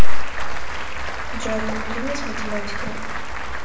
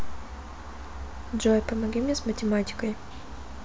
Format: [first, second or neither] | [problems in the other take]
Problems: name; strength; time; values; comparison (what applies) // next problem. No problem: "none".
second | background sound (Applause); 15 dB below the speech // room echo; dies away in 0.9 s